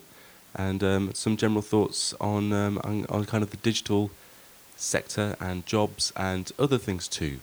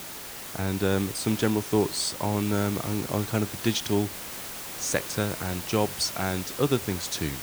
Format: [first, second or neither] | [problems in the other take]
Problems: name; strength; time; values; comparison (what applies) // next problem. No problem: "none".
first | hiss; loud; throughout; 7 dB below the speech; faint in the first